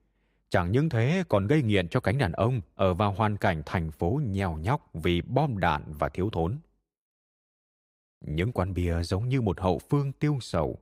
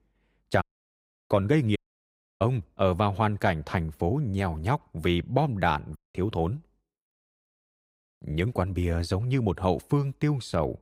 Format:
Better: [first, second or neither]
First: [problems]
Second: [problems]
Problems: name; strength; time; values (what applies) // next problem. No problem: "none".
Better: first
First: none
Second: audio cutting out; at 0.5 s for 0.5 s, at 2 s for 0.5 s and at 6 s